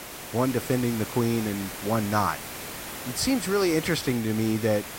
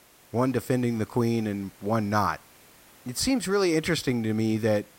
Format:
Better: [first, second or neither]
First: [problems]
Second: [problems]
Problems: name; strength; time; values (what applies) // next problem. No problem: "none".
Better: second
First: hiss; loud; throughout; 9 dB below the speech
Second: hiss; faint; throughout; 25 dB below the speech